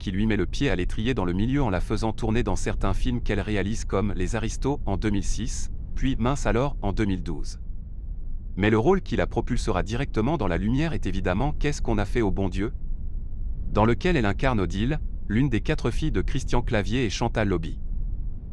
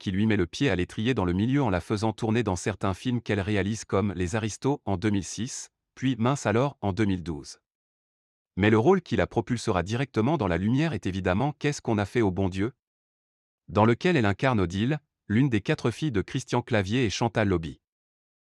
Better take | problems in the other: second | low rumble; faint; throughout; 25 dB below the speech

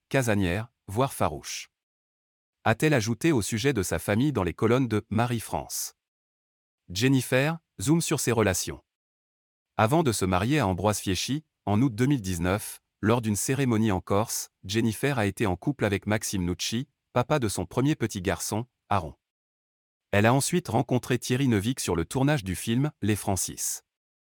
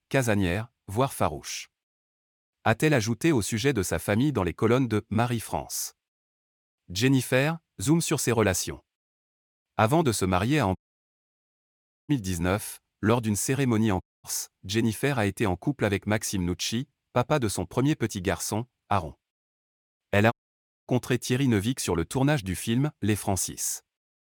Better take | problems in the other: first | audio cutting out; at 11 s for 1.5 s, at 14 s and at 20 s for 0.5 s

